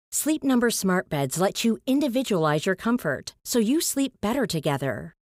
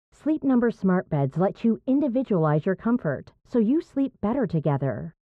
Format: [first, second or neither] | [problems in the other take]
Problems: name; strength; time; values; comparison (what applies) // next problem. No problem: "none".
first | muffled; very; fading above 1 kHz